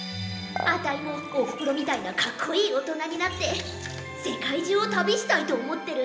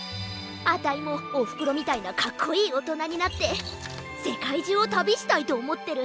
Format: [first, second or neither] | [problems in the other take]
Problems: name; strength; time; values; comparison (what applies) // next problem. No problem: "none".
second | background sound (Dishes, pots, and pans / Chink, clink); 12 dB below the speech // room echo; dies away in 0.8 s